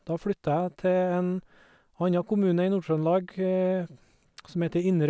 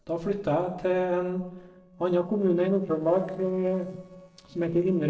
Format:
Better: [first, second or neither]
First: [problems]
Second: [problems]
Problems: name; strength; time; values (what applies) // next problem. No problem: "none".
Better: first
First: none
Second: noise reduction (neural separator model SepFormer DNS4)